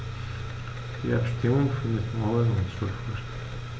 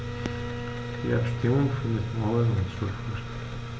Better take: first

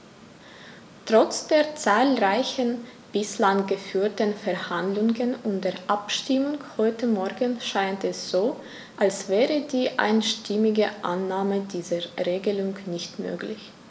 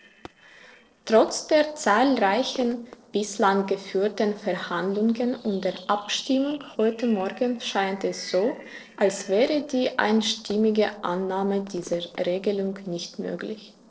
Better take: first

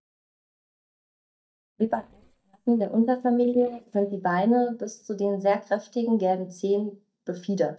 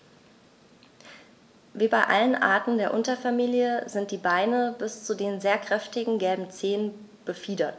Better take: second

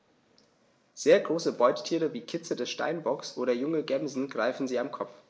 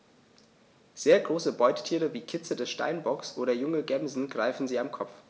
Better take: second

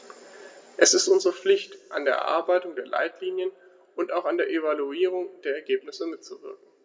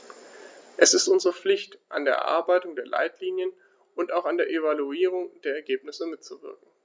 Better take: second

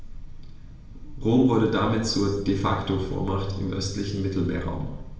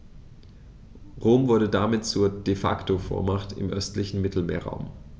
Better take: second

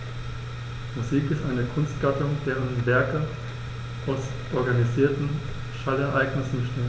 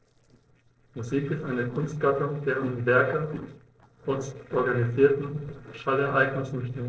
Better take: first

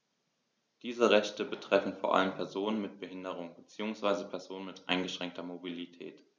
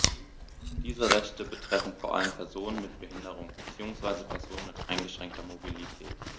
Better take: first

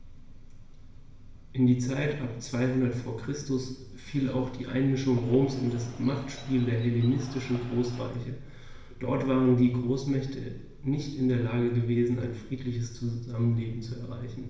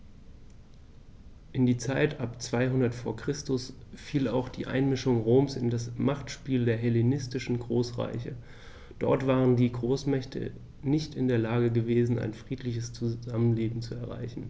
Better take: second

